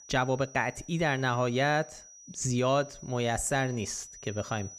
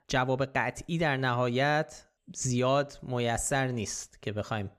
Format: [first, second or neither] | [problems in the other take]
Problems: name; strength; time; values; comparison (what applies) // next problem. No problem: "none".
second | high-pitched whine; noticeable; throughout; 6 kHz, 20 dB below the speech